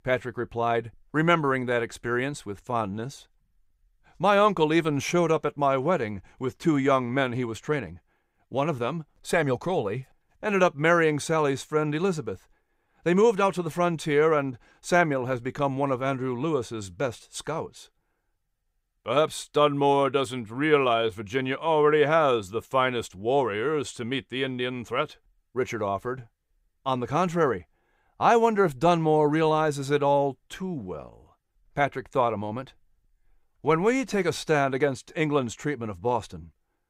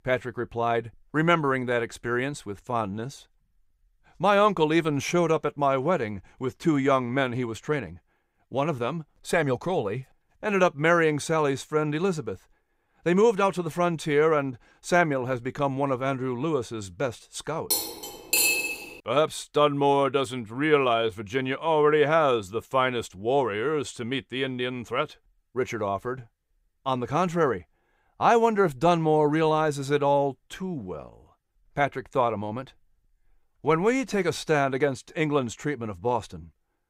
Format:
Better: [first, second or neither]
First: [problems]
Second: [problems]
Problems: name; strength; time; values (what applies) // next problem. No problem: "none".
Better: first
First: none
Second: clattering dishes; loud; from 18 to 19 s; peak 5 dB above the speech